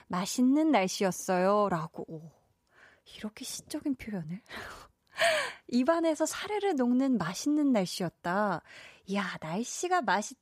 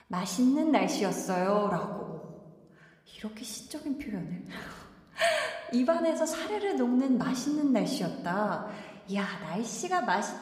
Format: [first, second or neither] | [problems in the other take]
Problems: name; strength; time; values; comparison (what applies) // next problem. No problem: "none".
first | room echo; slight; dies away in 1.1 s